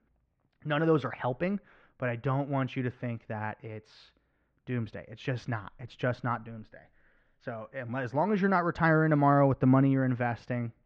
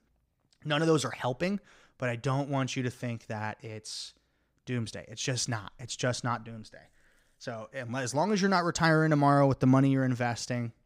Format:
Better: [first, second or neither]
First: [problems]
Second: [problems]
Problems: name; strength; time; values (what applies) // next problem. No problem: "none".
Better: second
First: muffled; very; fading above 2.5 kHz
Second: none